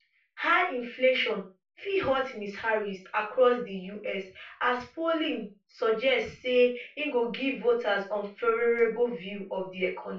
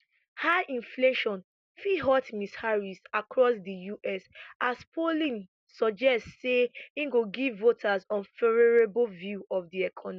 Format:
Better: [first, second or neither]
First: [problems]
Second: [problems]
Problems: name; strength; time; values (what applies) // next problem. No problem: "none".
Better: second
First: room echo; dies away in 0.3 s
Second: none